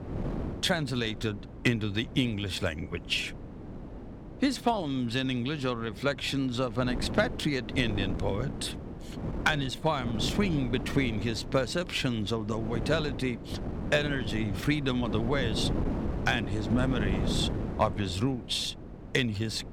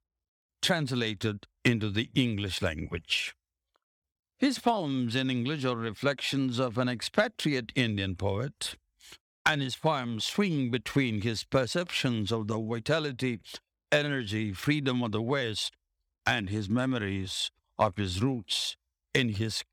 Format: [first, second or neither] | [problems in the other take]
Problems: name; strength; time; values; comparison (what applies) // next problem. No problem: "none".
second | wind noise on the microphone; occasional gusts; 10 dB below the speech